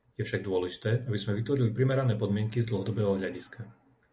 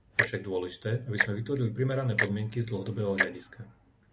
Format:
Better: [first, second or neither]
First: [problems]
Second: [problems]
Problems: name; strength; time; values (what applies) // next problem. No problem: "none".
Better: first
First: none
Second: background sound (Tick-tock); 3 dB below the speech